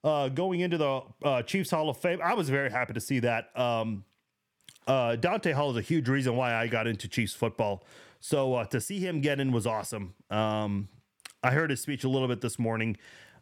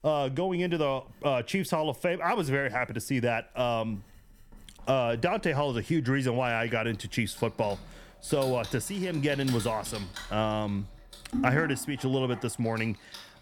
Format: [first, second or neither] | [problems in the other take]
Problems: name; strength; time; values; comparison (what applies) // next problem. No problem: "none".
first | household noises; noticeable; throughout; 10 dB below the speech